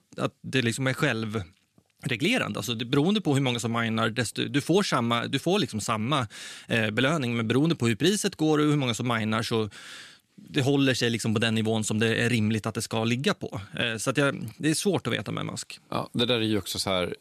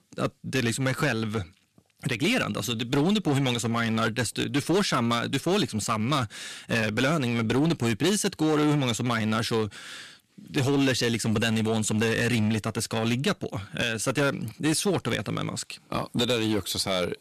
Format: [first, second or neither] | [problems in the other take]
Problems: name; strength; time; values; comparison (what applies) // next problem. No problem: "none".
first | distortion; slight; 8% of the sound clipped